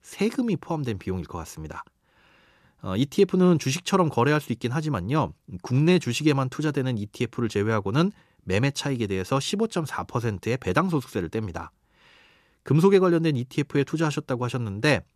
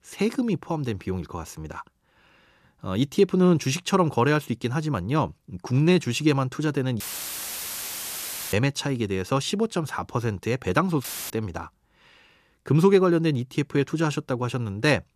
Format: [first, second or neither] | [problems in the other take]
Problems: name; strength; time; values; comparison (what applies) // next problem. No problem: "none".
first | audio cutting out; filled with static; at 7 s for 1.5 s and at 11 s